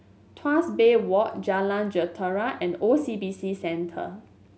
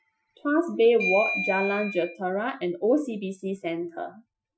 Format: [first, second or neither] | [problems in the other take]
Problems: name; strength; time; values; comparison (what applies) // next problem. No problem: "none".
first | noise reduction (classical method Wiener filter)